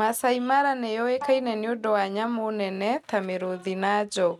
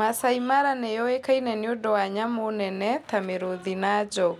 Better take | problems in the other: second | noise reduction (neural mask model RNNoise)

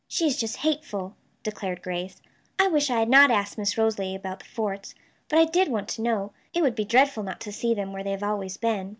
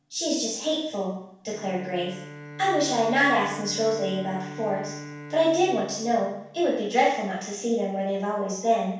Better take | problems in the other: first | background sound (Bowed string instrument); 17 dB below the speech // room echo; dies away in 0.7 s

